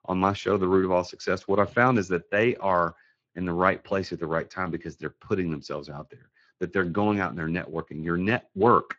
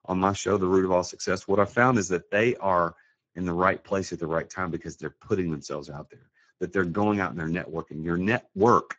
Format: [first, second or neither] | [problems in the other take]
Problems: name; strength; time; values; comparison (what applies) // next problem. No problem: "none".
first | garbled, watery; badly; slightly in the first